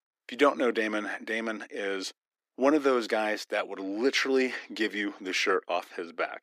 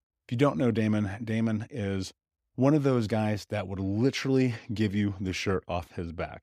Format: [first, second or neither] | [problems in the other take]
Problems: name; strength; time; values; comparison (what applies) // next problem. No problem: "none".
second | thin; somewhat; fading below 300 Hz